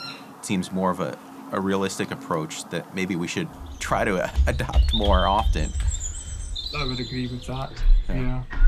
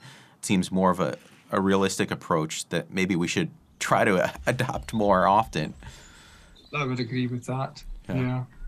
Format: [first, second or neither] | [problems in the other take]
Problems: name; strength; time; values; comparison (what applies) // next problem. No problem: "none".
second | animal sounds; loud; throughout; 1 dB below the speech; faint in the second